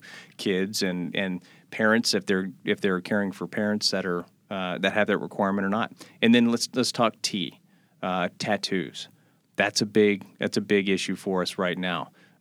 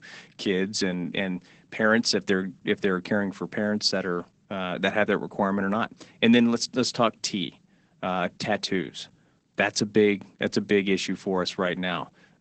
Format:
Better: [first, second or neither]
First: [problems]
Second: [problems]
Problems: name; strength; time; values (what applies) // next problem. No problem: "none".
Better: first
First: none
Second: garbled, watery; badly; nothing above 8 kHz